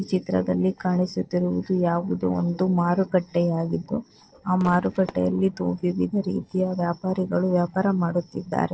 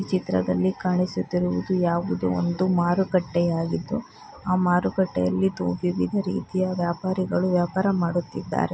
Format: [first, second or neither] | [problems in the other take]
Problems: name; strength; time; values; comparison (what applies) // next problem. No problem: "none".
second | noise reduction (neural separator model SepFormer DNS4)